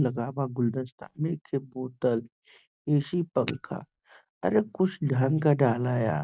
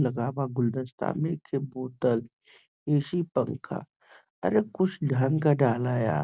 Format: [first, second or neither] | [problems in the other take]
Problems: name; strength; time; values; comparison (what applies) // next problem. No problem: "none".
second | noise reduction (neural mask model DeepFilterNet 3)